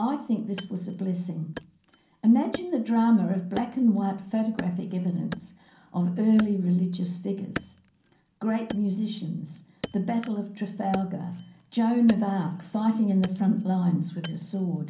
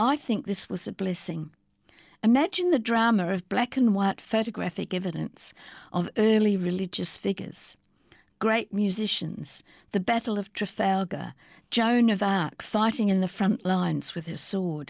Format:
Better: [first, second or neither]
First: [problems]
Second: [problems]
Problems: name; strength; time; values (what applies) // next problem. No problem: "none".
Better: second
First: background sound (Wood); 17 dB below the speech // room echo; dies away in 0.6 s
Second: none